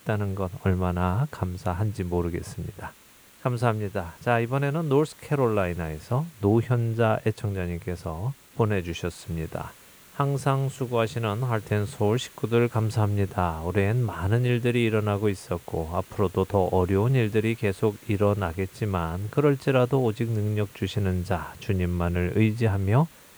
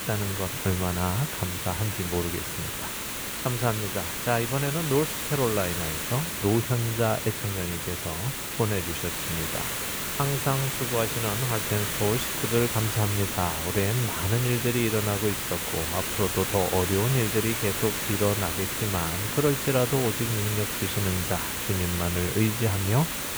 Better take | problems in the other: first | hiss; loud; throughout; 1 dB below the speech; faint in the first

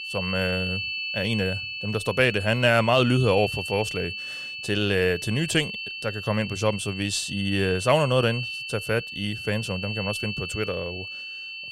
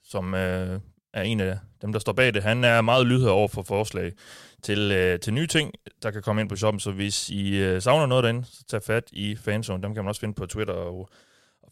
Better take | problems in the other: second | high-pitched whine; loud; throughout; 2.5 kHz, 6 dB below the speech

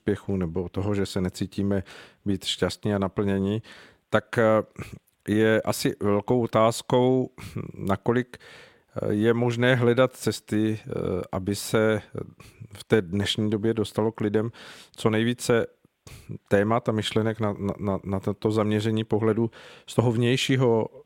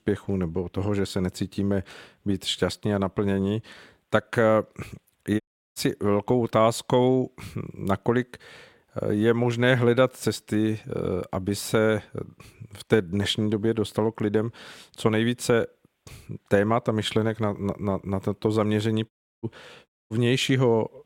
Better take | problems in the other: first | audio cutting out; at 5.5 s, at 19 s and at 20 s

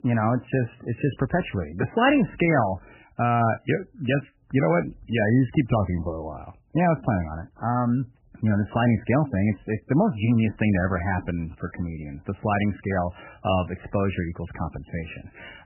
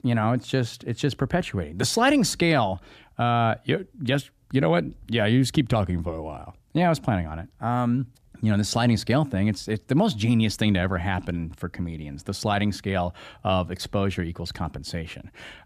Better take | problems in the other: second | garbled, watery; badly; nothing above 3 kHz

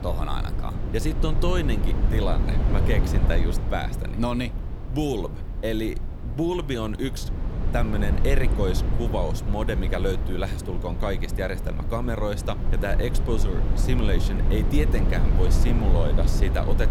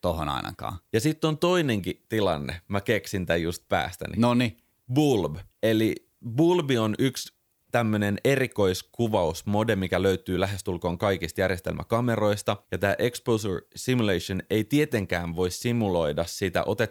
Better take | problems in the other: second | low rumble; loud; throughout; 7 dB below the speech

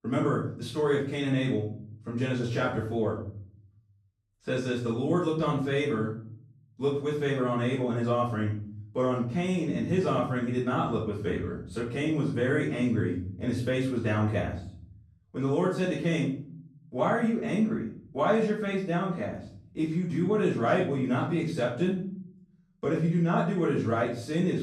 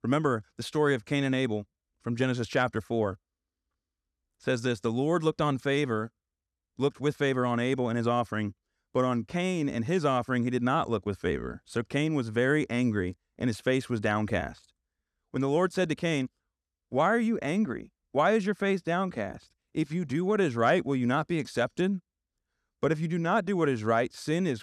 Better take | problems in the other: second | off-mic speech; far // room echo; noticeable; dies away in 0.7 s

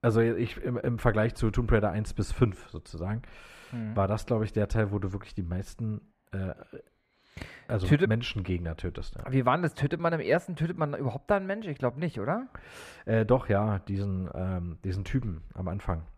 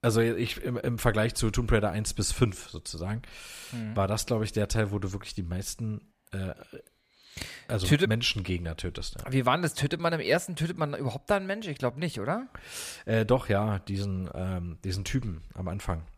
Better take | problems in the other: second | muffled; slightly; fading above 3 kHz

